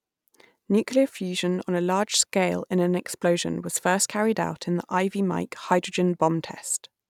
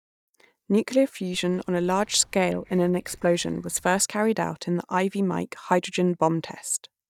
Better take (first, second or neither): first